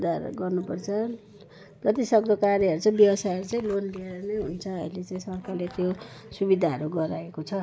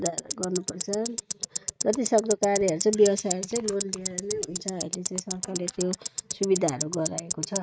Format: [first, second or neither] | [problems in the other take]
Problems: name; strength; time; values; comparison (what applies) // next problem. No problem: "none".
first | noise reduction (neural mask model RNNoise)